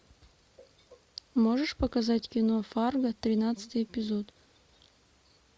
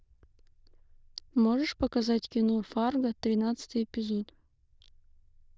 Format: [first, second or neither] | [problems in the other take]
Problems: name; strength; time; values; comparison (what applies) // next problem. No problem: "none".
first | noise reduction (neural diffusion model UNIVERSE++)